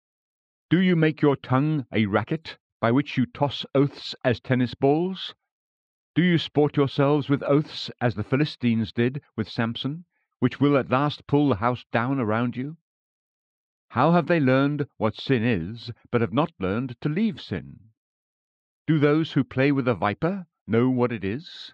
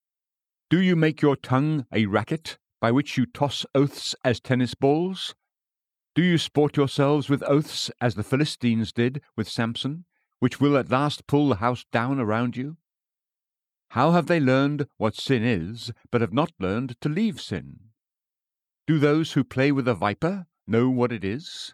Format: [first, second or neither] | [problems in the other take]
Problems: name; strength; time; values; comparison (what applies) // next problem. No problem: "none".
second | muffled; very slightly; fading above 4 kHz